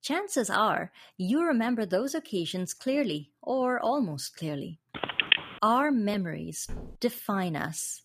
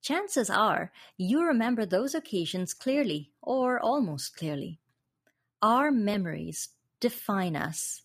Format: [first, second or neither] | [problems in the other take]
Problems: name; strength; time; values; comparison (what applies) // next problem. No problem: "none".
second | phone ringing; loud; at 5 s; peak 5 dB above the speech // footsteps; faint; at 6.5 s; peak 15 dB below the speech